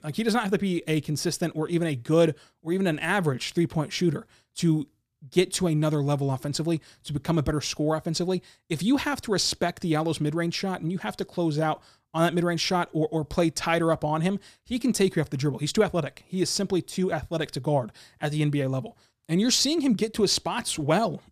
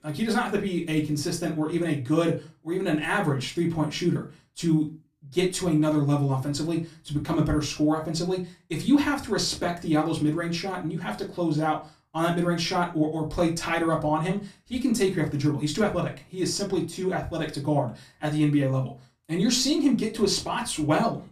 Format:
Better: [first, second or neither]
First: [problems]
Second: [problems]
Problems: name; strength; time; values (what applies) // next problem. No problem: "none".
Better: first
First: none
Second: off-mic speech; far // room echo; very slight; dies away in 0.2 s